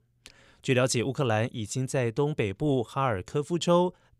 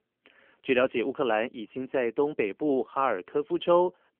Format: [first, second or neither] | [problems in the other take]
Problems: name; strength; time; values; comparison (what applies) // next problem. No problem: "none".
first | phone-call audio; nothing above 3 kHz